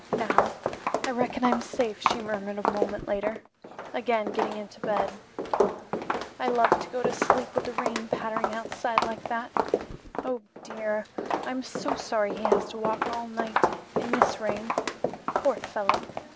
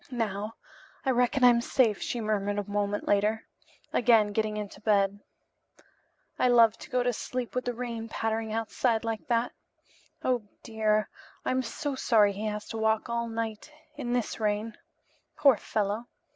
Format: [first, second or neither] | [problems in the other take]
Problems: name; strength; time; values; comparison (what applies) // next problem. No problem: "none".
second | background sound (Walk, footsteps); 2 dB above the speech